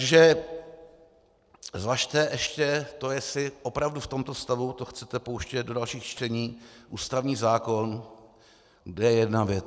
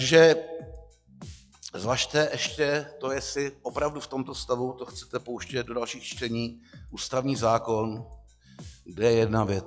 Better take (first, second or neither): first